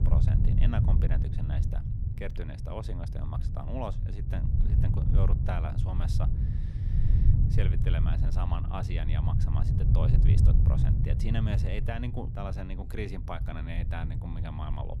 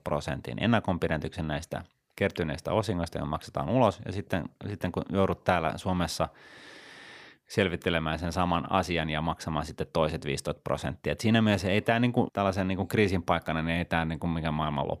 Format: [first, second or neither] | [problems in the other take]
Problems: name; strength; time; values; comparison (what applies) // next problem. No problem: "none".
second | low rumble; loud; throughout; 2 dB below the speech